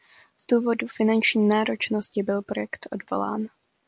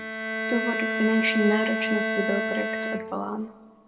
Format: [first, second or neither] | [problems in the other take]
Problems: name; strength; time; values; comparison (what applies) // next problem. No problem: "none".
first | background sound (Bowed string instrument); 1 dB below the speech // room echo; dies away in 1.1 s